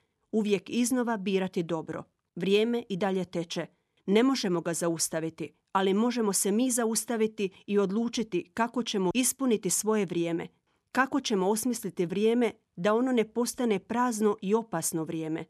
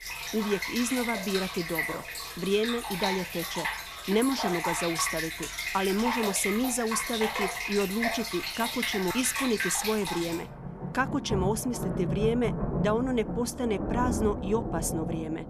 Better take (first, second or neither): first